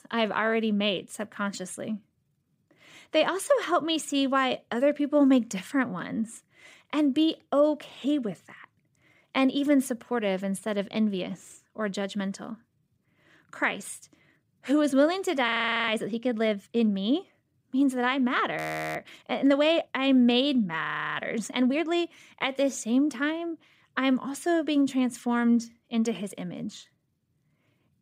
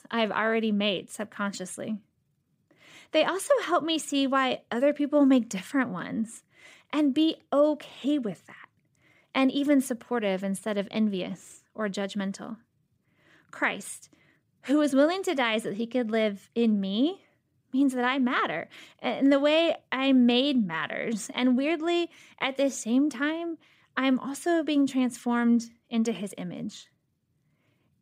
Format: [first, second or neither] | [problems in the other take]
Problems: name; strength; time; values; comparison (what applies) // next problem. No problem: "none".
second | audio freezing; at 15 s, at 19 s and at 21 s